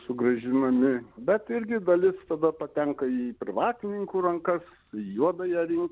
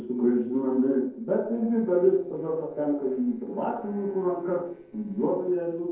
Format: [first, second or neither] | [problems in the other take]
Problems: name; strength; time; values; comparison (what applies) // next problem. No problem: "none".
first | noise reduction (neural separator model SepFormer DNS4)